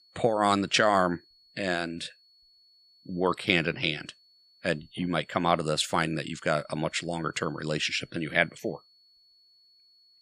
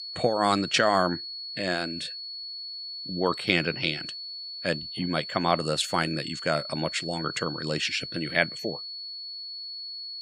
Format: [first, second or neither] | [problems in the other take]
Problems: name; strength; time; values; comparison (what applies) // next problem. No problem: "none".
first | high-pitched whine; loud; throughout; 4.5 kHz, 7 dB below the speech; faint in the first